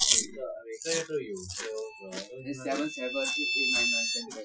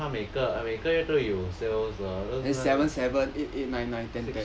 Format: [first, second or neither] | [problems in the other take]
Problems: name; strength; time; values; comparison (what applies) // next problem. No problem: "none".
second | noise reduction (classical method Wiener filter)